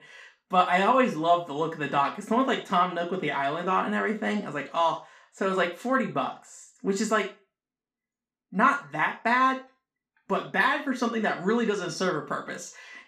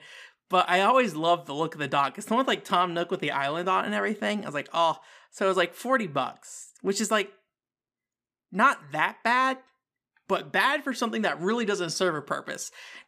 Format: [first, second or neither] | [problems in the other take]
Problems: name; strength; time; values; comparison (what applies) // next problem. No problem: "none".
second | room echo; slight; dies away in 0.3 s // off-mic speech; far